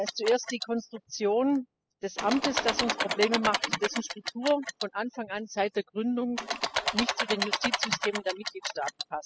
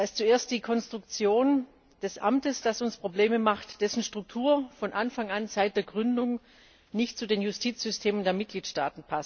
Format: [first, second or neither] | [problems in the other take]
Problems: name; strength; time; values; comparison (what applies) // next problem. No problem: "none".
second | noise reduction (classical method spectral subtraction)